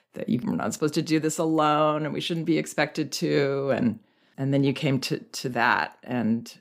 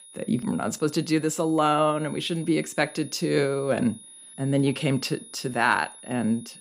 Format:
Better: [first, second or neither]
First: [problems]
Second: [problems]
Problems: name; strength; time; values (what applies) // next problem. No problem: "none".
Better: first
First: none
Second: high-pitched whine; noticeable; throughout; 10.5 kHz, 20 dB below the speech